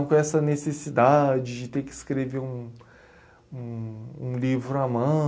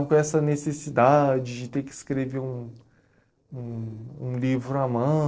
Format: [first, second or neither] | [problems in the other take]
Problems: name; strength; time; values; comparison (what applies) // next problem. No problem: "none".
first | noise reduction (neural separator model SepFormer DNS4)